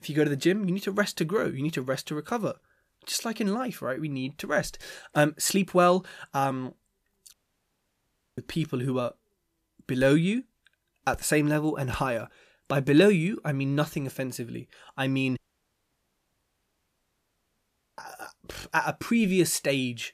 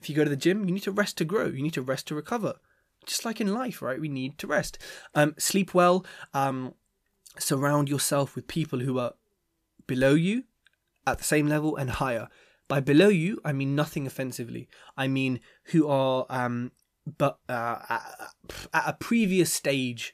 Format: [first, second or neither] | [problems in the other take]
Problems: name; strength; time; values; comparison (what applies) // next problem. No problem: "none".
second | audio cutting out; at 7.5 s for 1 s and at 15 s for 2.5 s